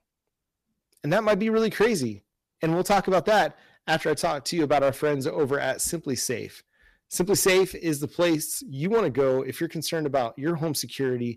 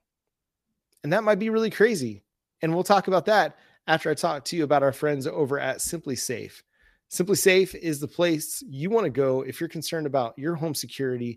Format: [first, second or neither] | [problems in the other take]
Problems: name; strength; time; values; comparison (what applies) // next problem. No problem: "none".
second | distortion; slight; 5% of the sound clipped